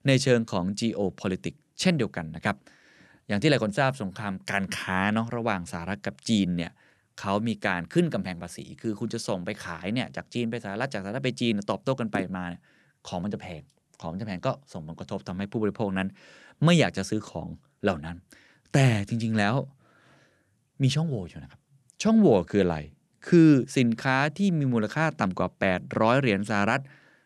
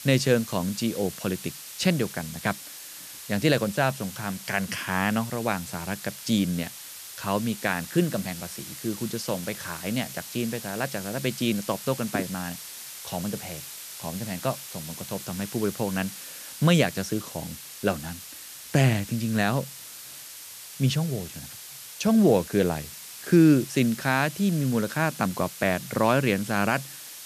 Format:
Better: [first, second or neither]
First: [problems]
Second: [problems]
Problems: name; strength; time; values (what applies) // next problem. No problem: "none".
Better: first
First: none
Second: hiss; noticeable; throughout; 10 dB below the speech